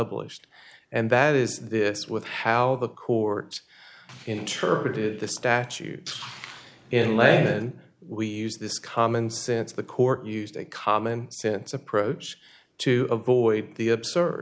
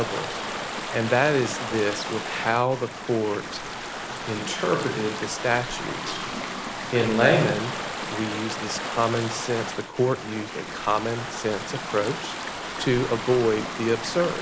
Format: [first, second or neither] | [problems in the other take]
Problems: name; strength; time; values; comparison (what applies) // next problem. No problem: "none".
first | background sound (Stream / Ocean); 6 dB below the speech